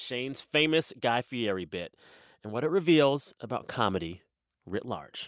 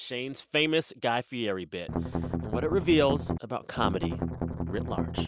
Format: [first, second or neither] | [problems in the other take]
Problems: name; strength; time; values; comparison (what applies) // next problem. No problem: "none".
first | background sound (Strum); 1 dB below the speech